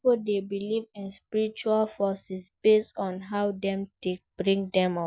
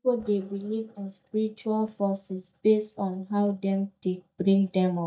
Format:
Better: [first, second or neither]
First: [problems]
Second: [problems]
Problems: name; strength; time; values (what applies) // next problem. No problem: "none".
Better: first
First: none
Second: noise reduction (neural mask model DeepFilterNet 3)